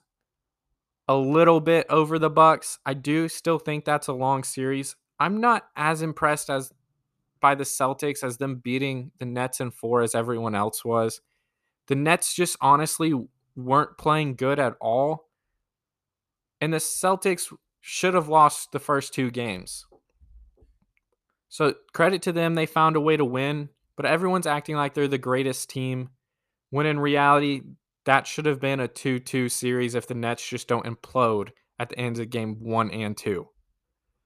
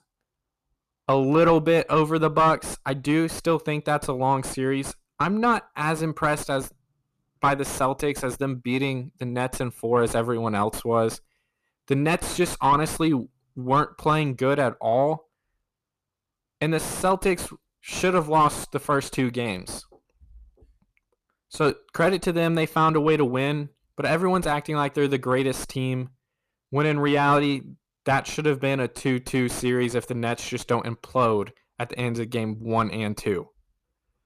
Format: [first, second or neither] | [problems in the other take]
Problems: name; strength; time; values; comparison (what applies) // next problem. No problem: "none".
first | distortion; slight; 8 dB below the speech